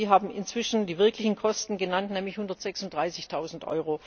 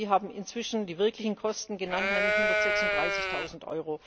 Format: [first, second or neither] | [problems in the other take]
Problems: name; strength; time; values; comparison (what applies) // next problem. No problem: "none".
first | background sound (Livestock, farm animals, working animals); 5 dB above the speech